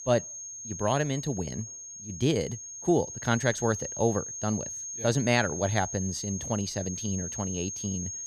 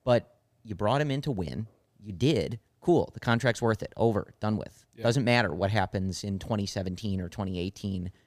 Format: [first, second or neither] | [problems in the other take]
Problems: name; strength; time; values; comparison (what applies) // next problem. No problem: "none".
second | high-pitched whine; loud; throughout; 6.5 kHz, 6 dB below the speech